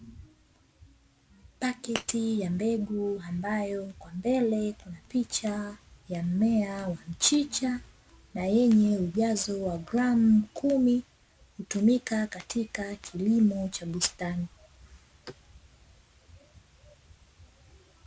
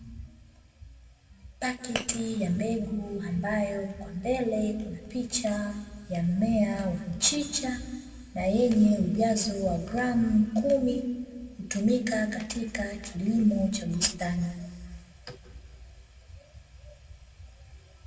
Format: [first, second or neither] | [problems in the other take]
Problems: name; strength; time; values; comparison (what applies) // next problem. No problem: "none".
first | room echo; dies away in 1.5 s